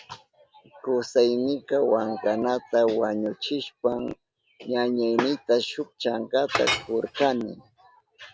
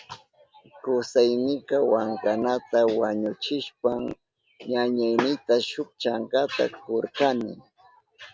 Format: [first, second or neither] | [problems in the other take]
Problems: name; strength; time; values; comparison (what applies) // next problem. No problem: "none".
second | background sound (Chink, clink); 7 dB below the speech